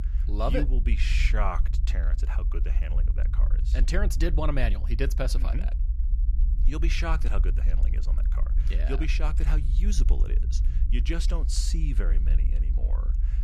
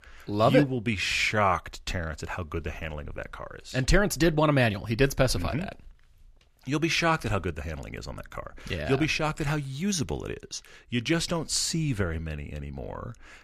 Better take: second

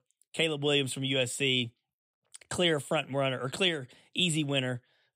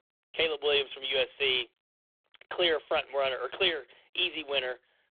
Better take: first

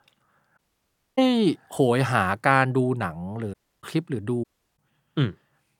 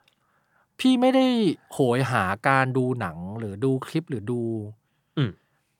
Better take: second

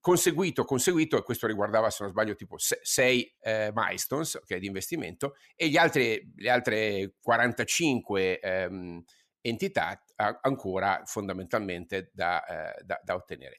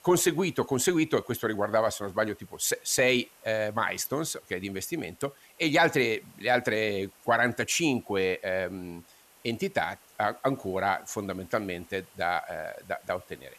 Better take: first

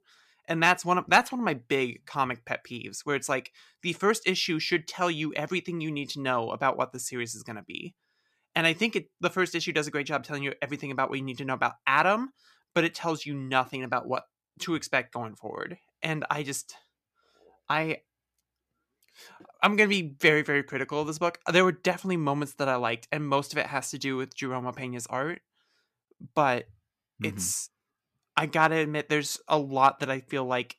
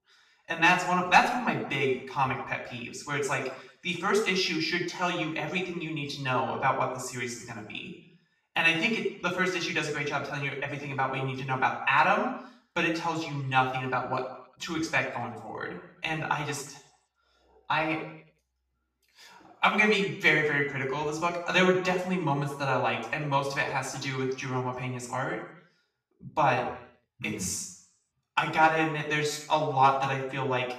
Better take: first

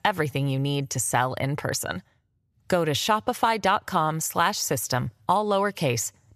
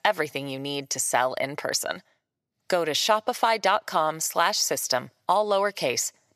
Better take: first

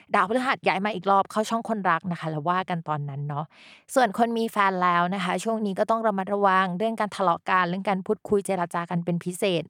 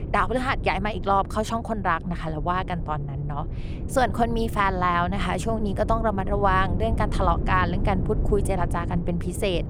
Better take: first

